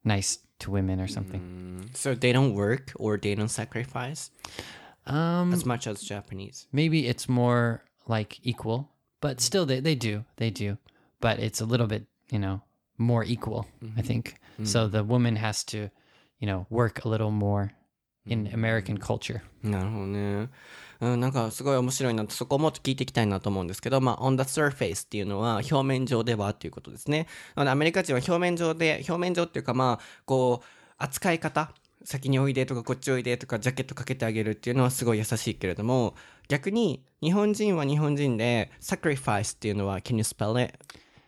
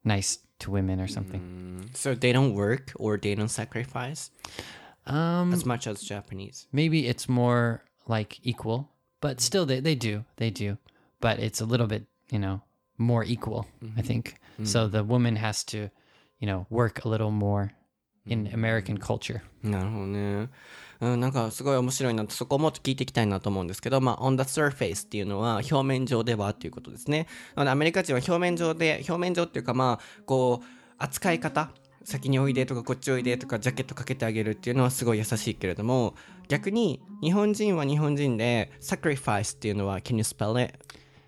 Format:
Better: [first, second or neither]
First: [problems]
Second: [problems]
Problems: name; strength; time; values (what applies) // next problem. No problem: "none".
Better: first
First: none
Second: background music; noticeable; throughout; 20 dB below the speech